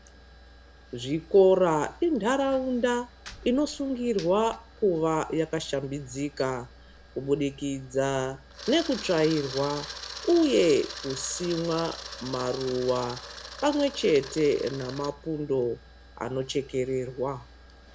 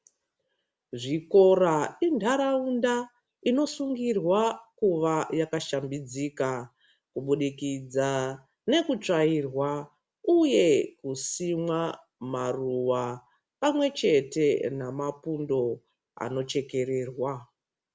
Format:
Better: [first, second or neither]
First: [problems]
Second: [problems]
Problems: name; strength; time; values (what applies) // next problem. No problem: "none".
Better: second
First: background sound (Camera); 16 dB below the speech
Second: none